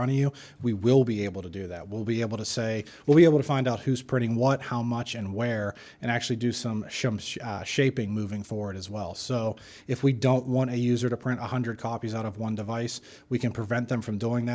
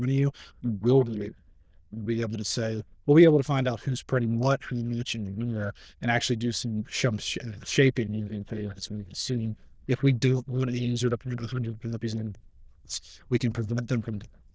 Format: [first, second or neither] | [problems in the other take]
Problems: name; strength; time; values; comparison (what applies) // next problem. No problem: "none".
first | noise reduction (neural diffusion model UNIVERSE++)